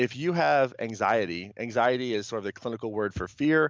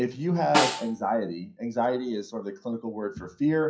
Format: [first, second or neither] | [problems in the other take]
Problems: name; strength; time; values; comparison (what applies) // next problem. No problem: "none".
first | noise reduction (classical method WPE with log-MMSE)